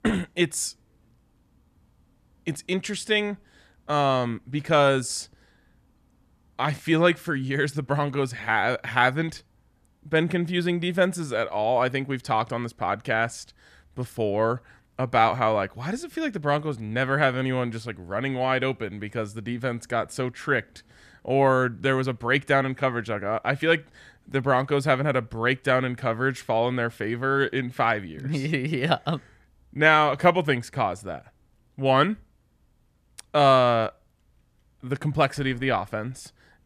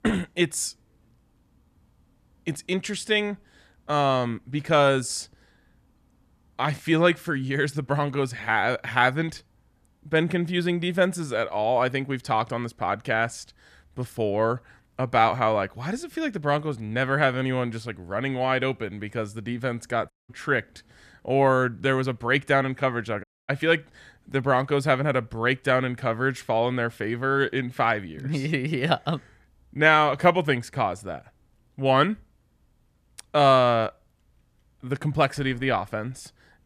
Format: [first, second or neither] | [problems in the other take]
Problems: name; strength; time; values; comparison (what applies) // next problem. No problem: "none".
first | audio cutting out; at 20 s and at 23 s